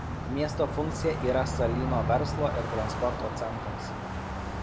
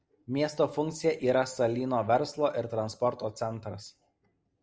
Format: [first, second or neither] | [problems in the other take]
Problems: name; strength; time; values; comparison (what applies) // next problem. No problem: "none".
second | background sound (Car passing by); 1 dB below the speech